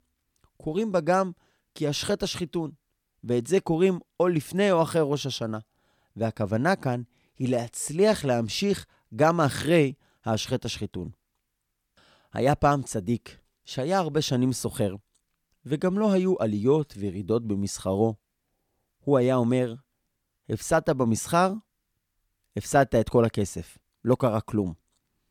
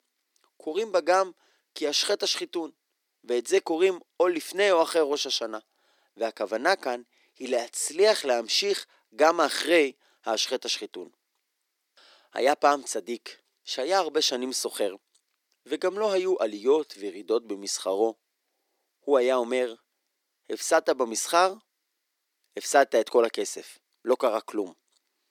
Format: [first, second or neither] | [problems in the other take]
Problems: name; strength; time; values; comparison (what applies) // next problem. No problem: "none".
first | thin; somewhat; fading below 300 Hz